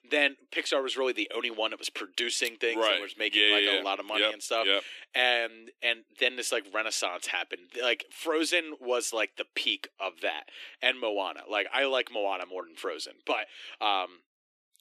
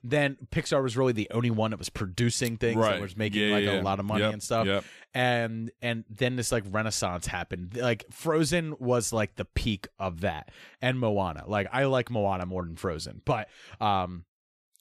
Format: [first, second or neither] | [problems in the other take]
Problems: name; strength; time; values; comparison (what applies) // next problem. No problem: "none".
second | thin; very; fading below 300 Hz